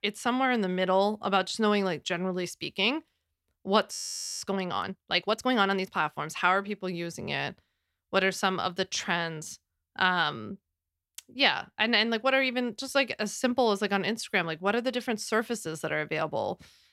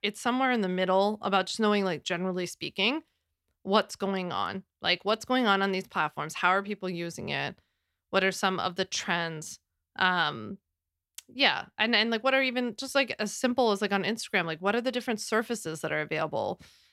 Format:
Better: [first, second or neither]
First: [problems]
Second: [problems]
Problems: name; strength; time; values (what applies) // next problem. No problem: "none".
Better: second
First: audio freezing; at 4 s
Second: none